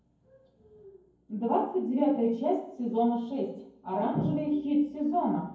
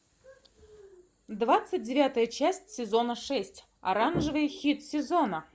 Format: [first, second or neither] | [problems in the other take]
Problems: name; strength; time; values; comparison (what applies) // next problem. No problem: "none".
second | room echo; dies away in 0.9 s